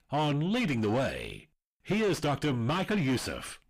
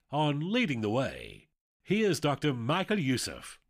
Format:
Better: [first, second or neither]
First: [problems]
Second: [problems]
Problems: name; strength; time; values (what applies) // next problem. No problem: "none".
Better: second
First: distortion; heavy; 7 dB below the speech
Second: none